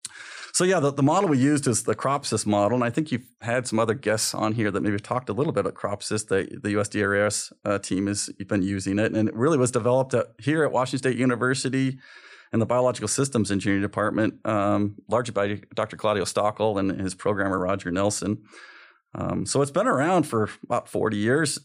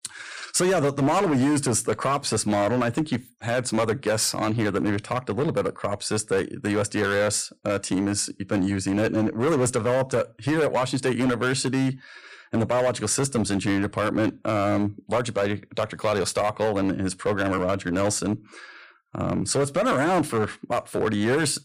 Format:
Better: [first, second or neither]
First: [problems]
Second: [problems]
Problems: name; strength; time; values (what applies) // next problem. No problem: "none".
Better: first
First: none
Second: distortion; slight; 10% of the sound clipped